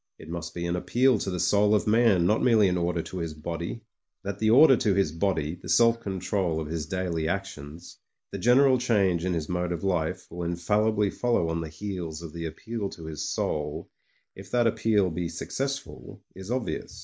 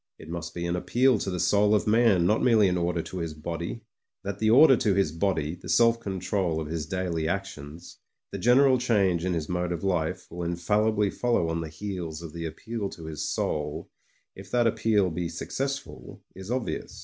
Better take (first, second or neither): second